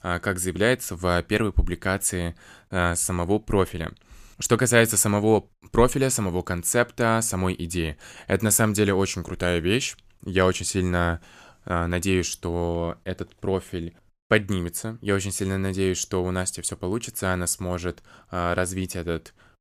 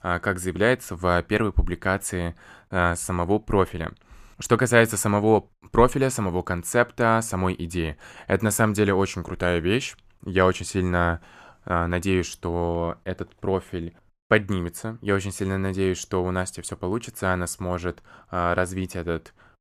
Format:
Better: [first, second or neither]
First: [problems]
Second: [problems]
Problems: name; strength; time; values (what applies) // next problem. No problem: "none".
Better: first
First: none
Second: muffled; slightly; fading above 3 kHz